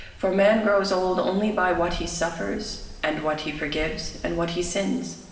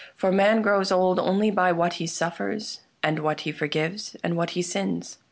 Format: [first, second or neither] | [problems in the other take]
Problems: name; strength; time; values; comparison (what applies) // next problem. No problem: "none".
second | background sound (Wind); 15 dB below the speech // room echo; dies away in 1.2 s